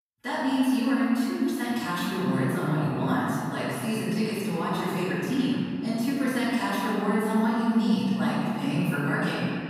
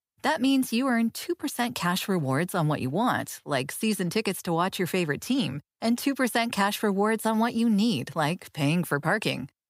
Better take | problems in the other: second | room echo; strong; dies away in 3 s // off-mic speech; far

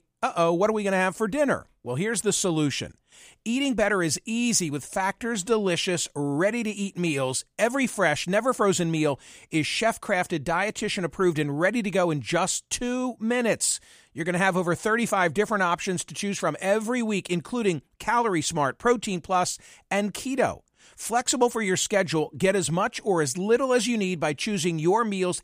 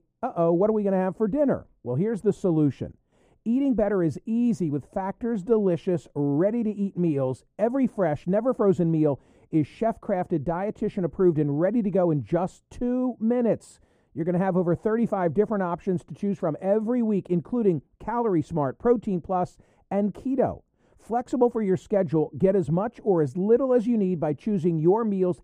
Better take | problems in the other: first | muffled; very; fading above 1.5 kHz

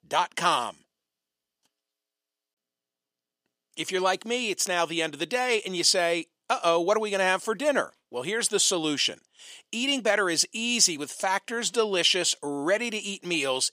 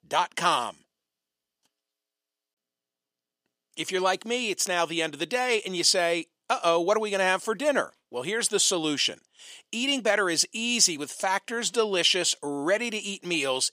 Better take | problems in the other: neither | thin; very slightly; fading below 350 Hz; the same in both

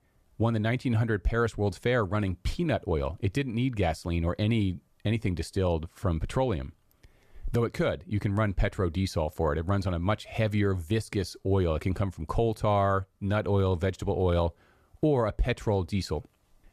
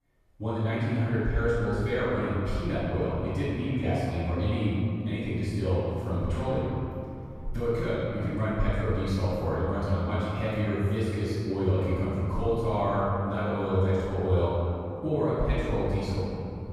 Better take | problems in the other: first | off-mic speech; far // room echo; strong; dies away in 2.7 s

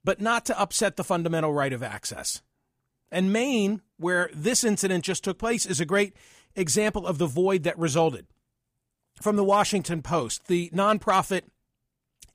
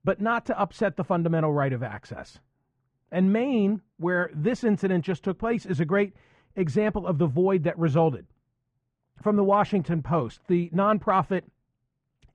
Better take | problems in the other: first | muffled; very; fading above 1.5 kHz

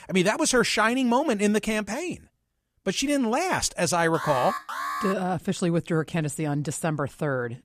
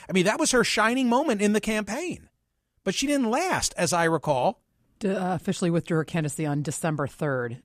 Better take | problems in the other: second | alarm; noticeable; from 4 to 5 s; peak 5 dB below the speech

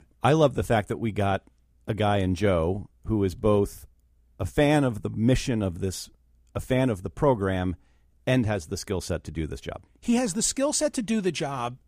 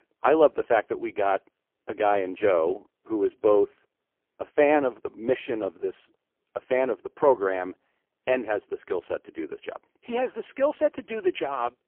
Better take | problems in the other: first | phone-call audio; poor line; nothing above 3 kHz

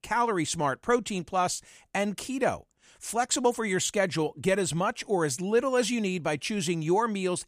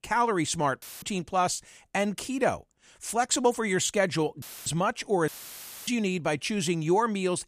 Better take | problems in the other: first | audio cutting out; filled with static; at 1 s, at 4.5 s and at 5.5 s for 0.5 s

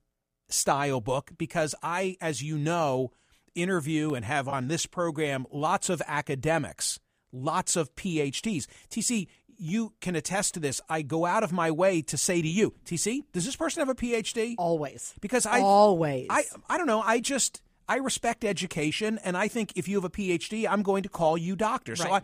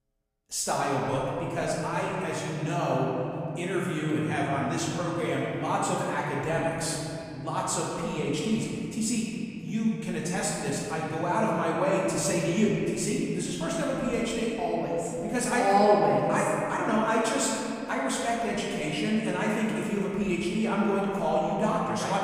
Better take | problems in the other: first | room echo; noticeable; dies away in 2.9 s // off-mic speech; far

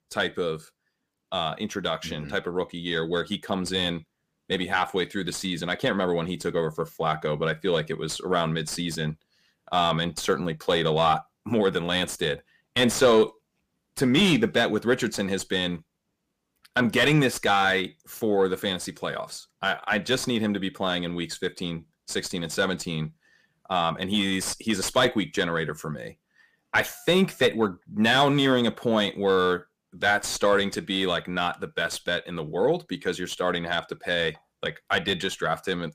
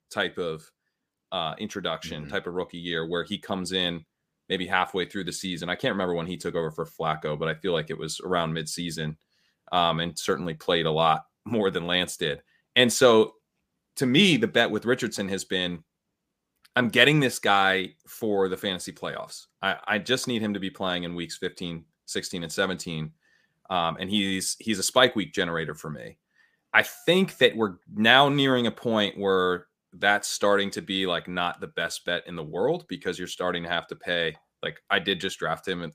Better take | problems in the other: second | distortion; slight; 10 dB below the speech

